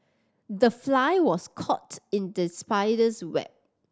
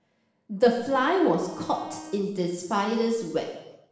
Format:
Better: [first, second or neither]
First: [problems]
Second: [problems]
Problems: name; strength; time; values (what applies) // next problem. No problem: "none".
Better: first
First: none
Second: background sound (Bowed string instrument); 19 dB below the speech // room echo; dies away in 0.9 s